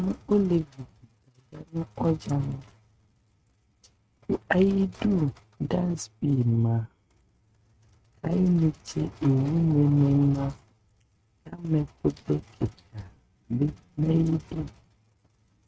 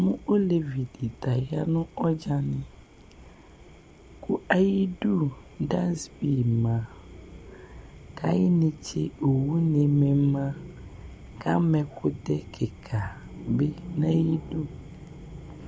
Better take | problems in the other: second | noise reduction (neural mask model RNNoise)

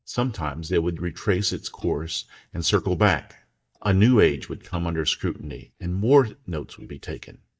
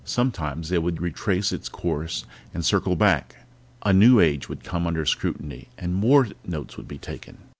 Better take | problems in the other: second | noise reduction (neural mask model DeepFilterNet 3)

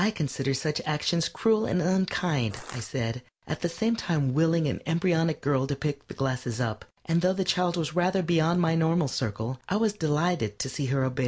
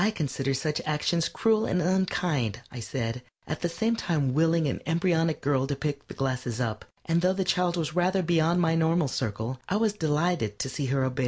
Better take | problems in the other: second | background sound (Crushing); 15 dB below the speech

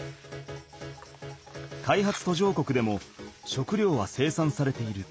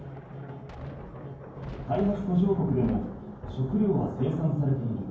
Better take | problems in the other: first | background sound (Thunder); 12 dB below the speech // room echo; dies away in 0.9 s

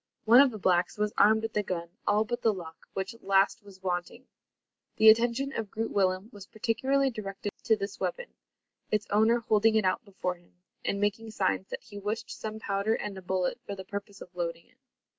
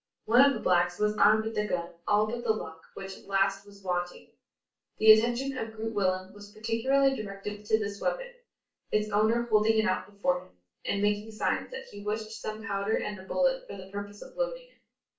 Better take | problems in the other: first | room echo; dies away in 0.3 s

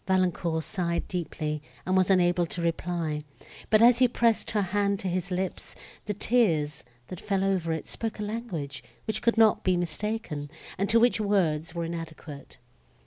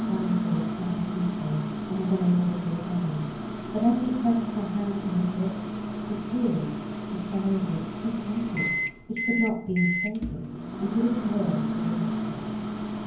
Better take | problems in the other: first | background sound (Microwave oven); 3 dB below the speech // room echo; dies away in 0.9 s

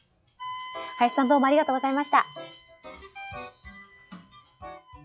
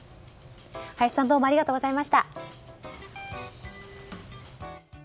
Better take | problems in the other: second | noise reduction (classical method log-MMSE)

